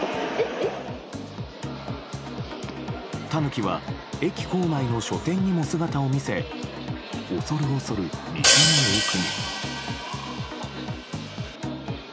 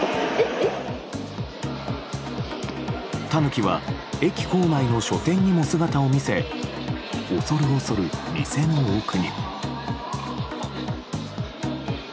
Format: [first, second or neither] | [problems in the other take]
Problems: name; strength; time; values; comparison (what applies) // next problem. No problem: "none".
second | background sound (Hi-hat); 3 dB above the speech